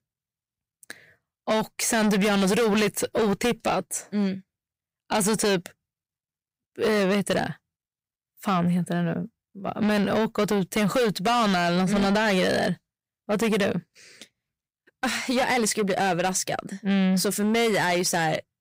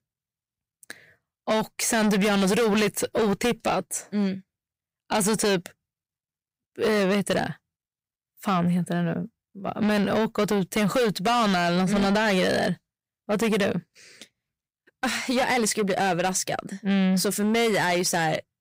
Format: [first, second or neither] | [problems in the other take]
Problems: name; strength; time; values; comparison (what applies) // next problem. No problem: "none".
neither | distortion; heavy; 8 dB below the speech; the same in both